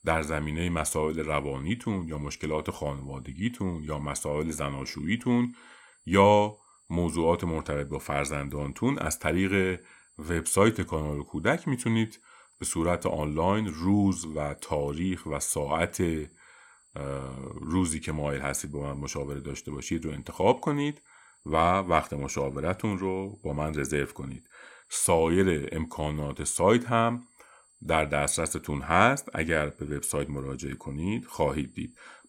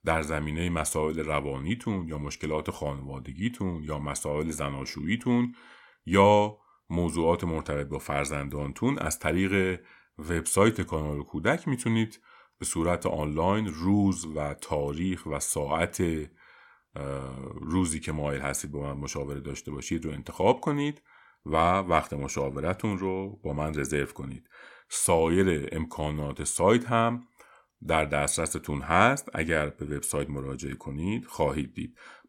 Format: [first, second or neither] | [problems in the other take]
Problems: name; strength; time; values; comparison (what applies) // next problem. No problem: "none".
second | high-pitched whine; faint; throughout; 8 kHz, 30 dB below the speech